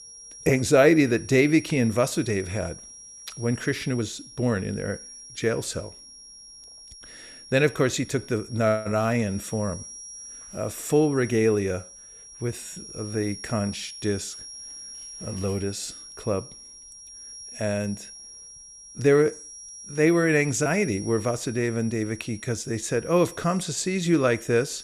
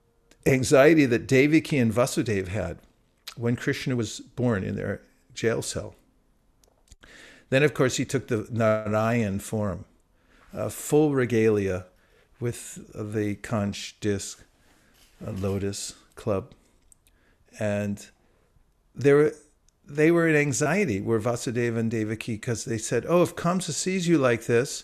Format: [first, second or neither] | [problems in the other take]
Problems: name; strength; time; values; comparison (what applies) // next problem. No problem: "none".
second | high-pitched whine; noticeable; throughout; 5.5 kHz, 15 dB below the speech